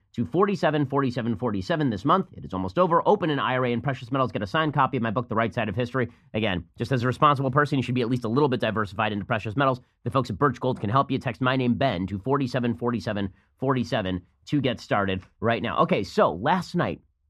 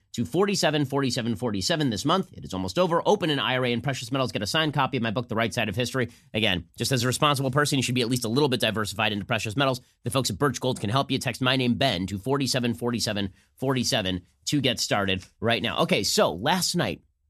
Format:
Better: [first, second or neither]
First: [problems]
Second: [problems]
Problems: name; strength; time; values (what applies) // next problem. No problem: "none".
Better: second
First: muffled; very; fading above 3.5 kHz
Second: none